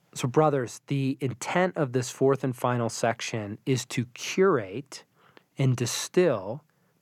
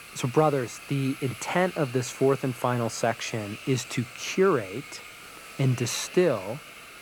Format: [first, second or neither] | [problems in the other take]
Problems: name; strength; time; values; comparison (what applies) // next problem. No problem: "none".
first | hiss; noticeable; throughout; 15 dB below the speech